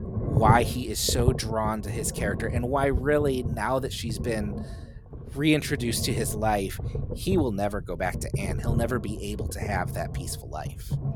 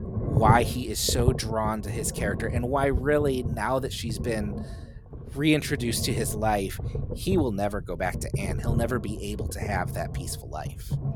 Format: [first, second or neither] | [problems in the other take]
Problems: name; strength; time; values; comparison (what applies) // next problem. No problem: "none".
neither | low rumble; noticeable; throughout; 10 dB below the speech; the same in both